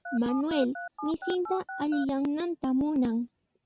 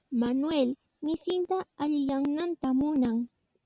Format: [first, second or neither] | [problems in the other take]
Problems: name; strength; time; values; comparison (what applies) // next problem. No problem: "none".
second | background sound (Telephone); 10 dB below the speech